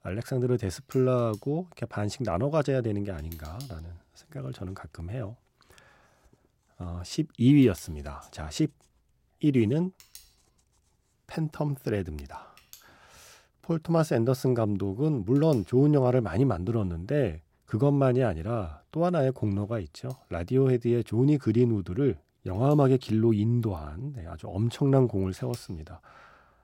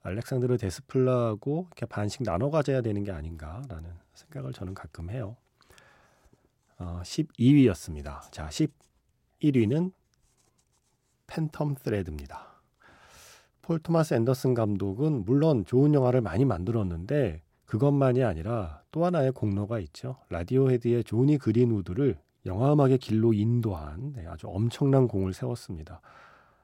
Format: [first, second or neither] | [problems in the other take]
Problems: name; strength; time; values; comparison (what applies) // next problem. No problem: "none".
second | household noises; faint; throughout; 25 dB below the speech